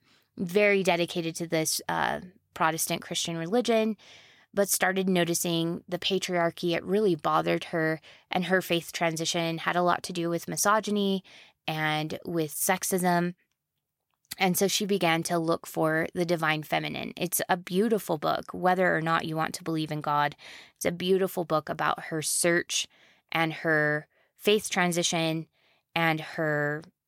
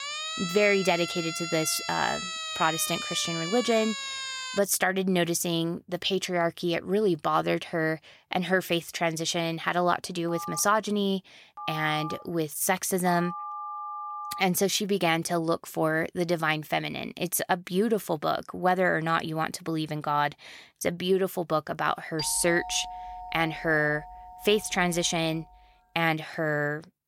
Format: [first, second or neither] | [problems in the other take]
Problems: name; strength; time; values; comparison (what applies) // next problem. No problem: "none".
first | siren; noticeable; until 4.5 s; peak 4 dB below the speech // phone ringing; noticeable; from 10 to 14 s; peak 9 dB below the speech // doorbell; noticeable; from 22 to 25 s; peak 9 dB below the speech